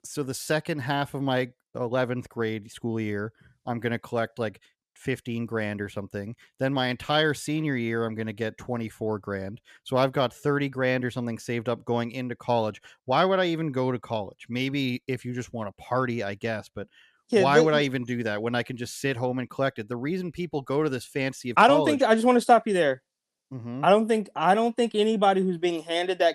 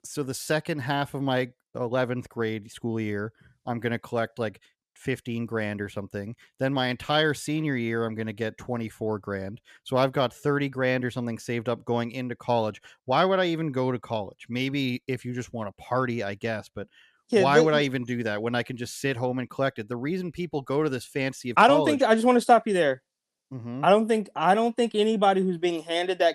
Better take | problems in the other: neither | none

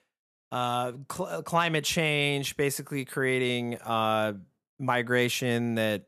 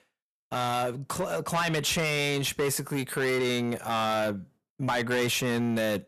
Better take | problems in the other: first | distortion; heavy; 7 dB below the speech

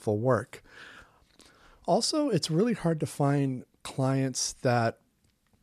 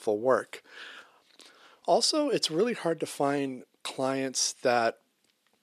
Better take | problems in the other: first | thin; somewhat; fading below 400 Hz

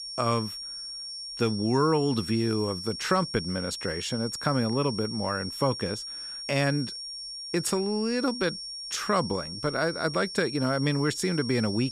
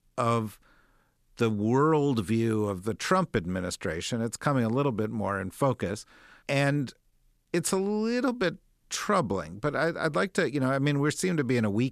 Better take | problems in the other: second | high-pitched whine; loud; throughout; 5.5 kHz, 7 dB below the speech

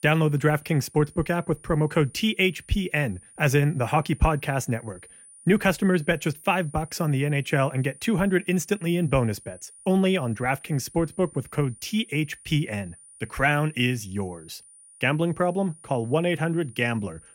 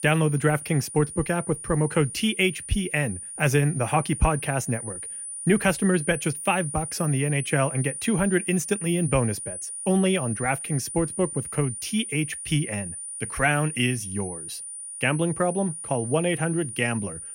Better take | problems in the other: first | high-pitched whine; loud; throughout; 9.5 kHz, 8 dB below the speech; faint in the first

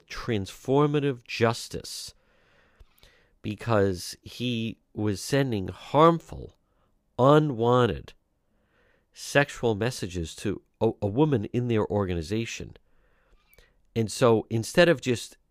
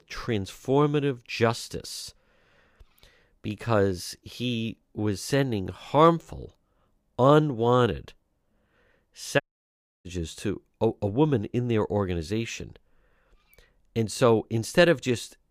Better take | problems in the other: first | audio cutting out; at 9.5 s for 0.5 s

